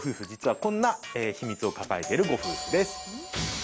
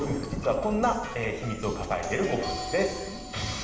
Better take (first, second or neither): first